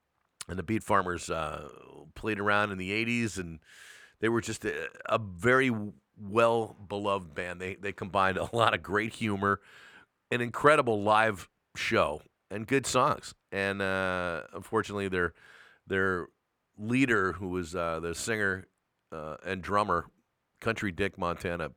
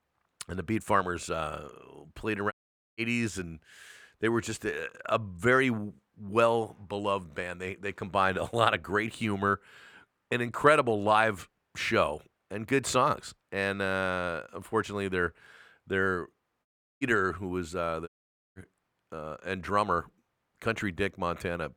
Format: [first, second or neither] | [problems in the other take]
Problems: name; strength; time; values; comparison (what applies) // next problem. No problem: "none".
first | audio cutting out; at 2.5 s, at 17 s and at 18 s